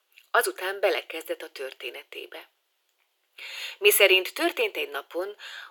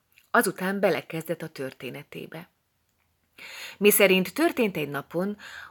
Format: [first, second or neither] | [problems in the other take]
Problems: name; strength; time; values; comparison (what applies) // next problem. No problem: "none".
second | thin; very; fading below 350 Hz